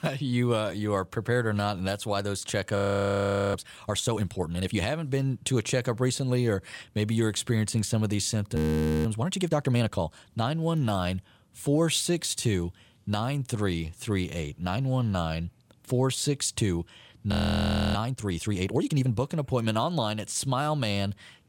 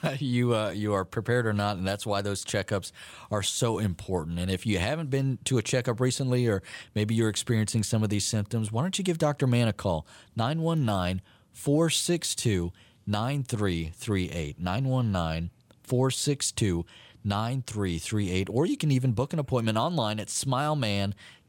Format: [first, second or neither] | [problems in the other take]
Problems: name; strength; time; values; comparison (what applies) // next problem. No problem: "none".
second | audio freezing; at 3 s for 1 s, at 8.5 s and at 17 s for 0.5 s